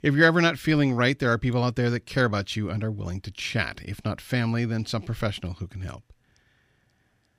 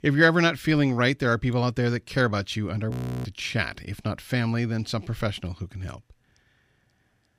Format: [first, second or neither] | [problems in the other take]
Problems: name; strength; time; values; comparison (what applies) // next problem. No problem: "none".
first | audio freezing; at 3 s